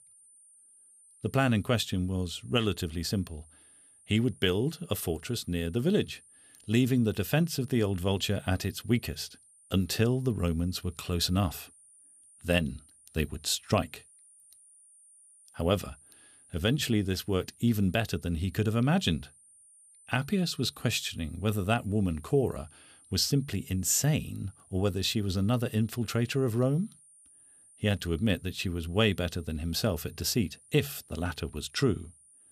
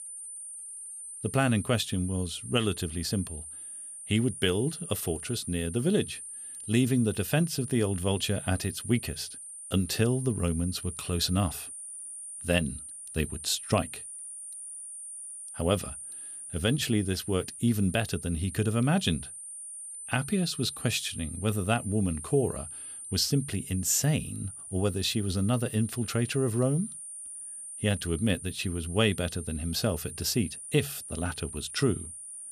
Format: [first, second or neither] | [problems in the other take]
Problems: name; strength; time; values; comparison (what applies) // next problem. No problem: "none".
first | high-pitched whine; loud; throughout; 9 kHz, 10 dB below the speech; faint in the first